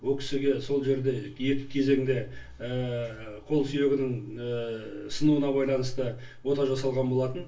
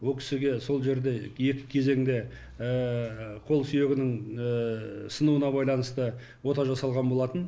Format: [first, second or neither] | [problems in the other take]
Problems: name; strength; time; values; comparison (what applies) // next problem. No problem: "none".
second | room echo; dies away in 0.2 s